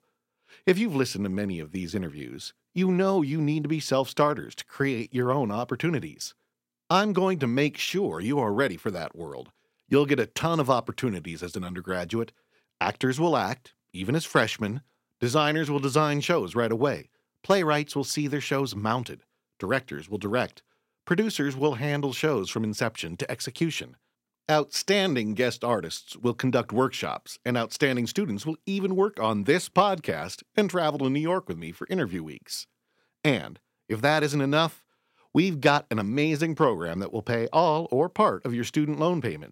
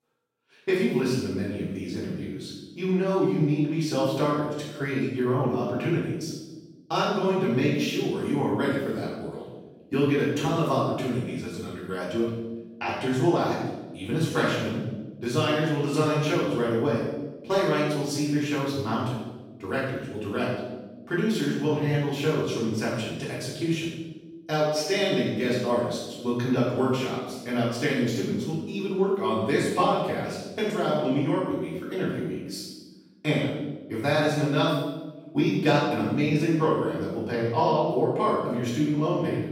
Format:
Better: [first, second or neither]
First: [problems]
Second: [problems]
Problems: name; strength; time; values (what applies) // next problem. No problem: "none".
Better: first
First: none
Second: off-mic speech; far // room echo; strong; dies away in 1 s